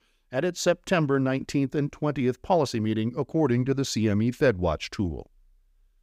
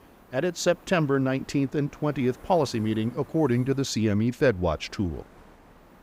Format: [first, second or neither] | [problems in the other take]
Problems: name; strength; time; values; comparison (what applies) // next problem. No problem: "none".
first | hiss; faint; throughout; 25 dB below the speech